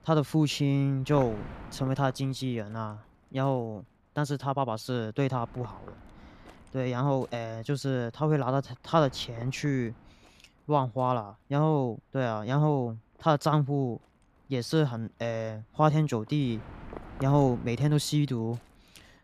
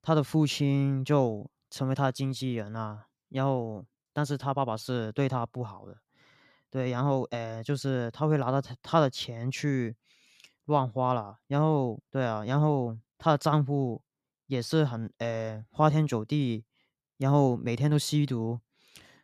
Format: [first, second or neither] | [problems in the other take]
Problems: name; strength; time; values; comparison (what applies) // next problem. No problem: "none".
second | wind noise on the microphone; occasional gusts; 20 dB below the speech